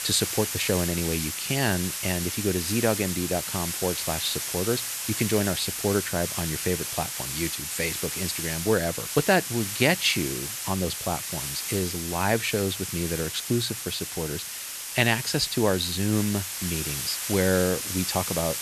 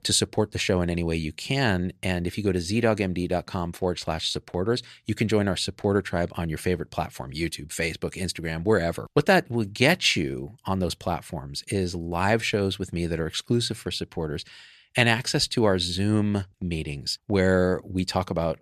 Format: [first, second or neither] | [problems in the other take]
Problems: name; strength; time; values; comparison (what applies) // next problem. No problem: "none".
second | hiss; loud; throughout; 3 dB below the speech